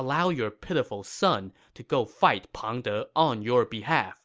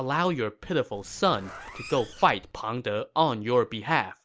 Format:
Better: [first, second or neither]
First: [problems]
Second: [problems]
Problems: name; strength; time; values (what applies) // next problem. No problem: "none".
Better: first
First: none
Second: background sound (Zipper (clothing)); 18 dB below the speech